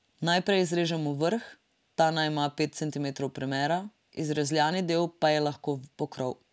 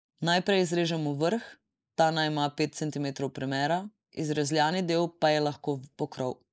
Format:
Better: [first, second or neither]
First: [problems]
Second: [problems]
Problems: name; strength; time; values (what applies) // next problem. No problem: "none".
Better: first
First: none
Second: noise reduction (neural mask model Resemble Enhance denoiser)